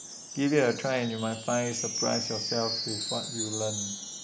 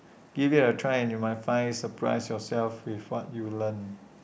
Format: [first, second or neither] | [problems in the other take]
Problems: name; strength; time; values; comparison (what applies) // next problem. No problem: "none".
second | background sound (Wind chime); 5 dB below the speech